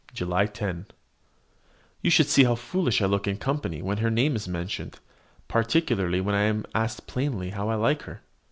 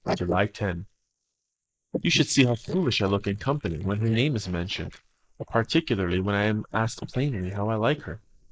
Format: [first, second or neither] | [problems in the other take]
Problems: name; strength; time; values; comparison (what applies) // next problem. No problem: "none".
first | noise reduction (neural mask model Resemble Enhance denoiser)